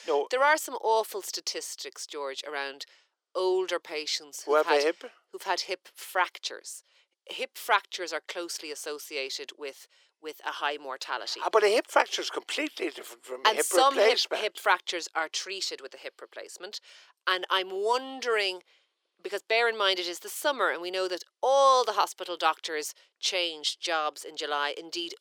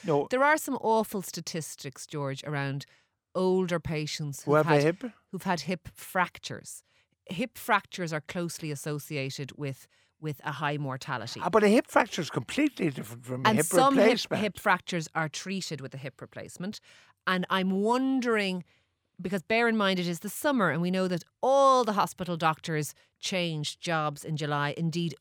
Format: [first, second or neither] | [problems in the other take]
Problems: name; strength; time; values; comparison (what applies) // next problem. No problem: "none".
second | thin; very; fading below 350 Hz